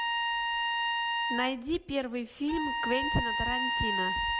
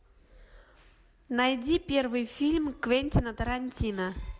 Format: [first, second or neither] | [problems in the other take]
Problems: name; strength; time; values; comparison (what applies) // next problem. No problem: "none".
second | background sound (Bowed string instrument); 3 dB above the speech